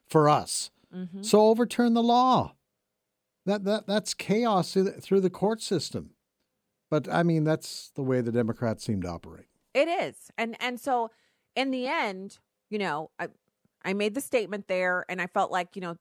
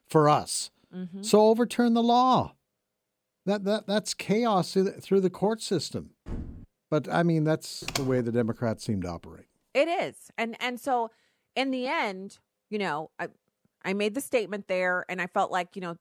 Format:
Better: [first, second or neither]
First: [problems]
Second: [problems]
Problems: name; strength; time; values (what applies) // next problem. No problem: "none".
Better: first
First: none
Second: door banging; faint; at 6.5 s; peak 10 dB below the speech // keyboard typing; noticeable; at 8 s; peak 6 dB below the speech